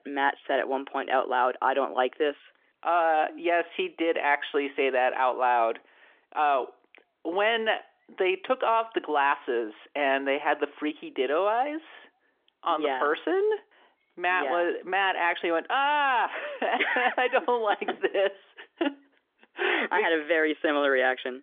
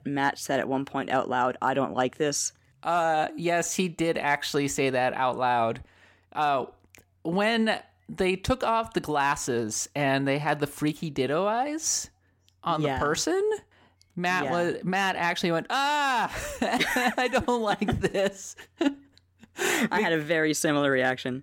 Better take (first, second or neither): second